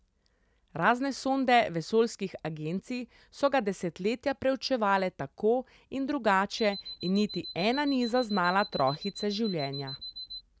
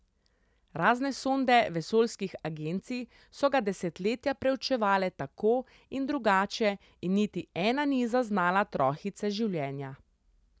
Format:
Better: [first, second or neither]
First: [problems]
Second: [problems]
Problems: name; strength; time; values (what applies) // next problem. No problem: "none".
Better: second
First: background sound (Alarm); 12 dB below the speech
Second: none